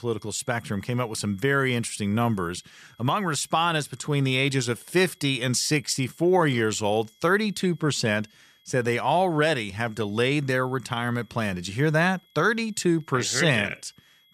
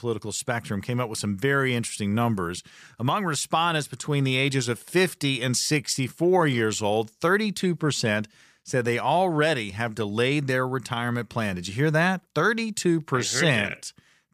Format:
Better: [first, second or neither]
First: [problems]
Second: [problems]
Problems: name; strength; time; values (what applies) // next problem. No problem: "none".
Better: second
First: high-pitched whine; faint; throughout; 3.5 kHz, 35 dB below the speech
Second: none